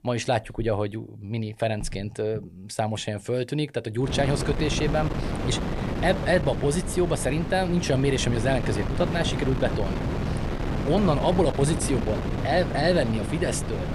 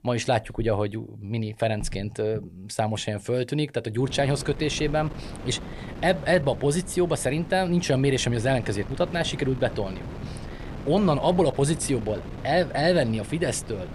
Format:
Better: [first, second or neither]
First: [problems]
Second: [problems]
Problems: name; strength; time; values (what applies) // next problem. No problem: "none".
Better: second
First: wind noise on the microphone; heavy; from 4 s on; 7 dB below the speech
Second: wind noise on the microphone; occasional gusts; from 4 s on; 15 dB below the speech